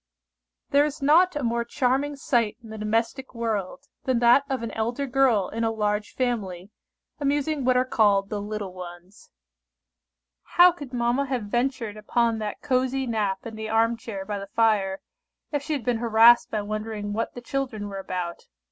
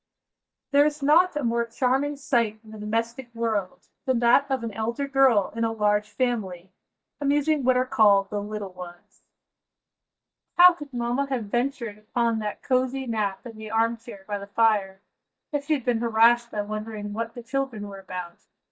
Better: first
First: none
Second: noise reduction (neural mask model DeepFilterNet 3)

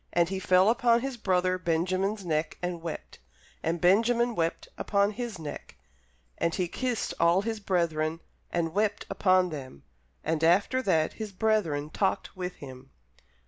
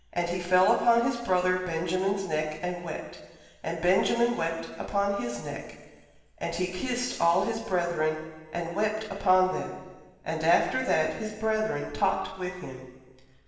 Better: first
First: none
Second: room echo; dies away in 1.4 s

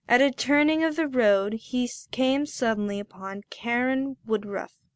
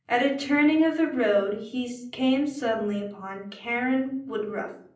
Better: first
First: none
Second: room echo; dies away in 0.6 s

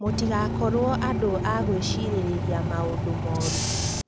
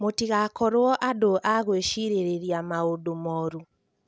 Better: second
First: background sound (Bus / Engine); 3 dB above the speech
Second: none

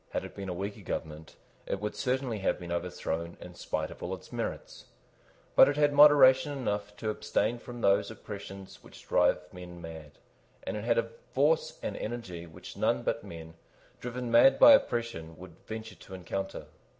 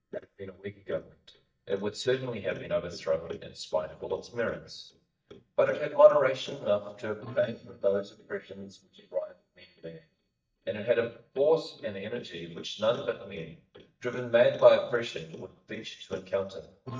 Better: first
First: none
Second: noise reduction (neural mask model DeepFilterNet 3)

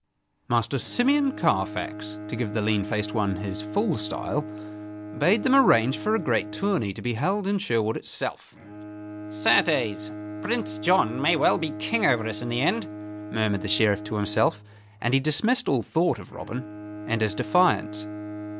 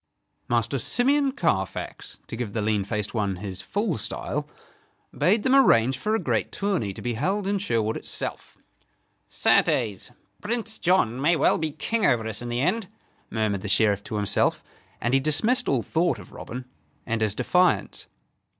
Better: second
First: background sound (Bowed string instrument); 11 dB below the speech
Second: none

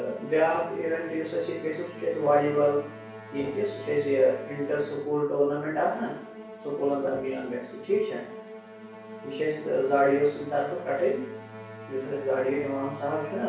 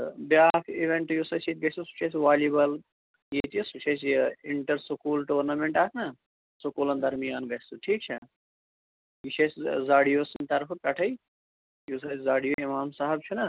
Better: second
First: background sound (Musical instrument); 14 dB below the speech // room echo; dies away in 0.6 s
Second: none

